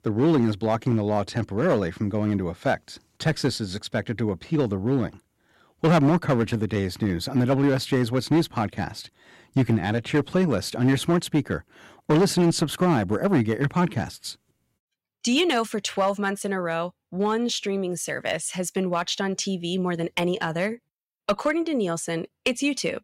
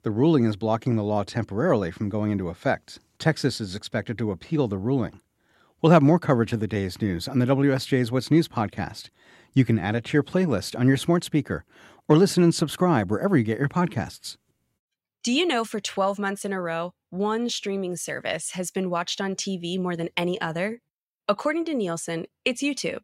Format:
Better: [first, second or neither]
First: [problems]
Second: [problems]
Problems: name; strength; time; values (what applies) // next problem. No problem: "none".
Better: second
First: distortion; slight; 4% of the sound clipped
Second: none